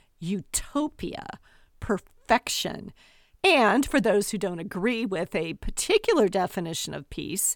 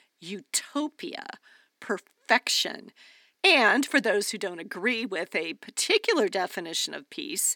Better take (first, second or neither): first